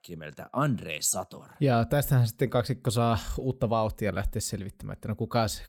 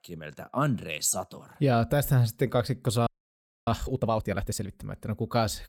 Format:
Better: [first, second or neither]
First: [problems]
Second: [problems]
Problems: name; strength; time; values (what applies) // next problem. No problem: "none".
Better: first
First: none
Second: audio freezing; at 3 s for 0.5 s